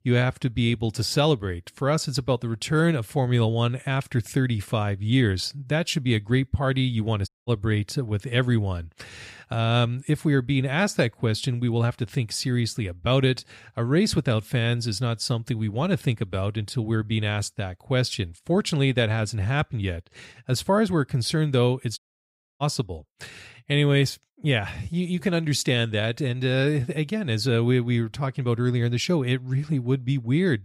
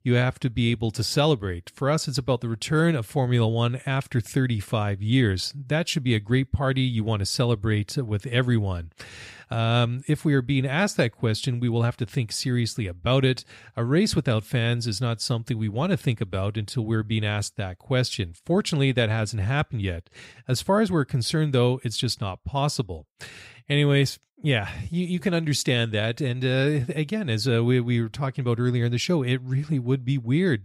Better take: second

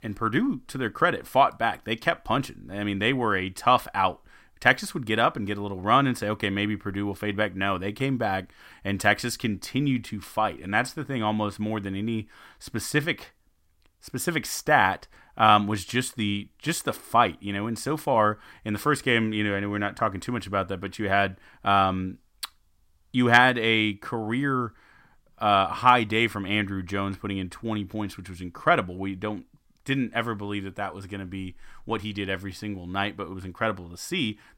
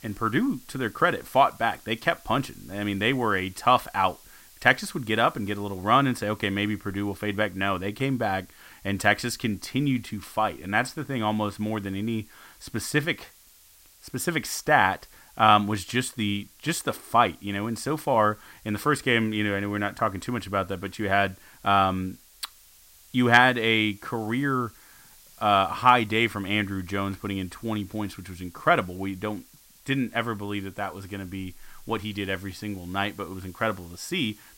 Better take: first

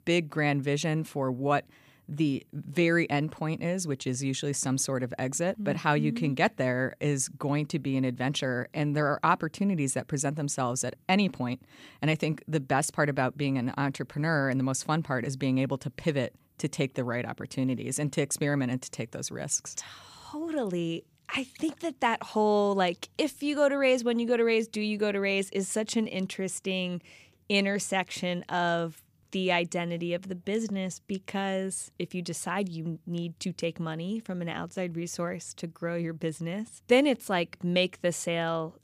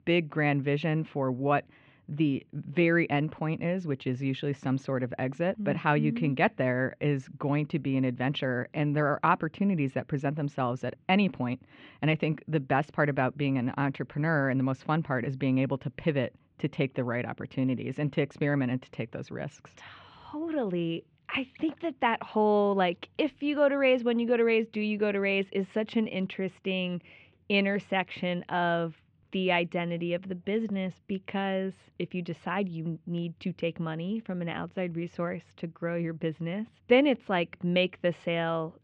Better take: first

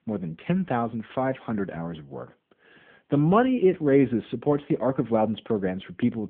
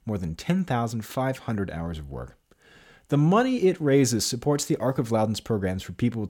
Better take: second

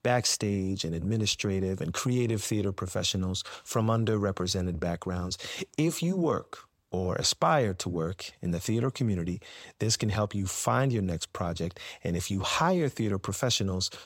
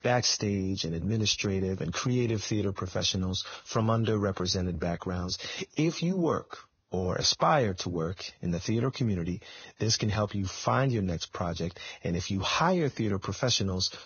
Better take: first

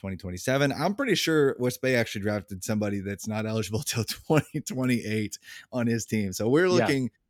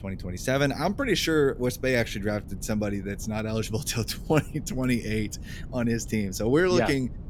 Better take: first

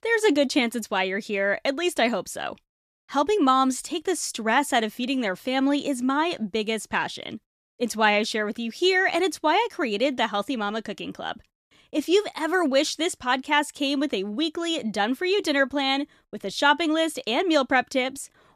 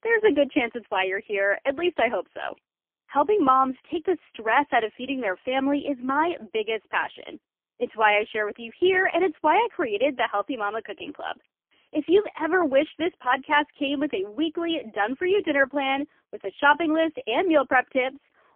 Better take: first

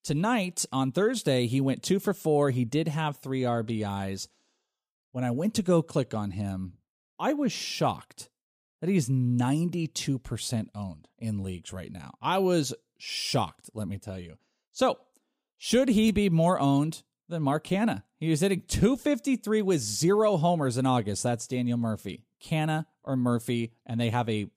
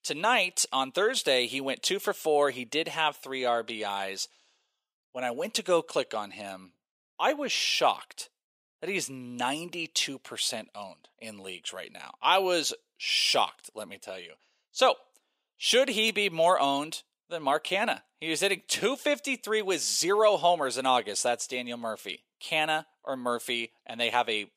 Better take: first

